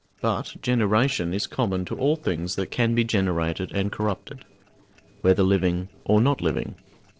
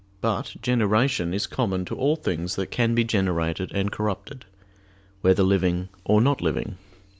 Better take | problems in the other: second | noise reduction (neural separator model SepFormer DNS4)

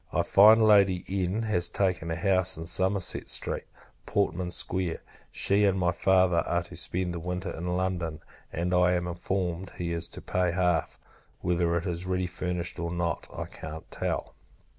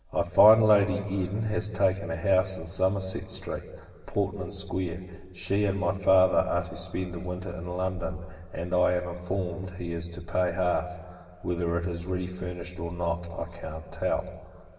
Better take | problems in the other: first | room echo; dies away in 2.2 s

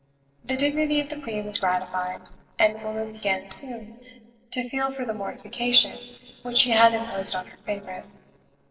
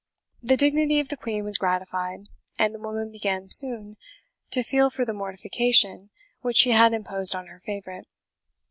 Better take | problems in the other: second | noise reduction (neural separator model SepFormer DNS4)

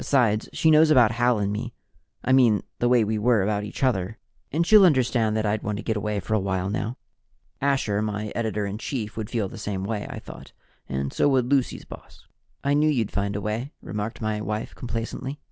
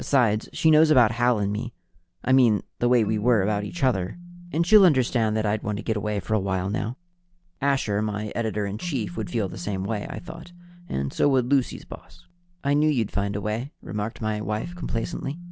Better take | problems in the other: first | background sound (Keyboard (musical)); 17 dB below the speech

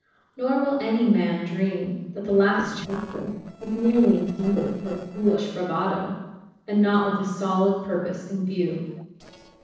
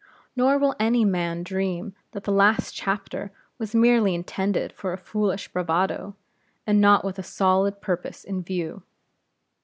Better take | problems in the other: second | noise reduction (neural separator model SepFormer DNS4)

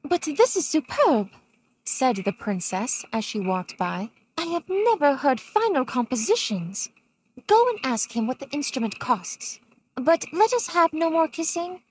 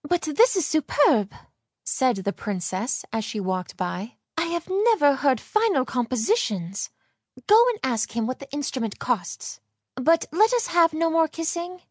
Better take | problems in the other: second | noise reduction (neural mask model RNNoise)

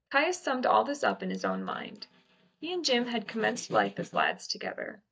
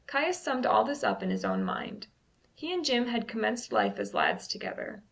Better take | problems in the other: second | noise reduction (neural mask model DeepFilterNet 3)

